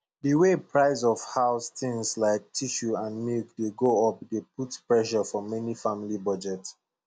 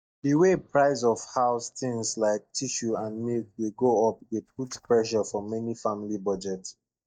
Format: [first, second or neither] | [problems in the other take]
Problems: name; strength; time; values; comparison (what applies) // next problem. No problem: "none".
first | noise reduction (neural mask model DeepFilterNet 3)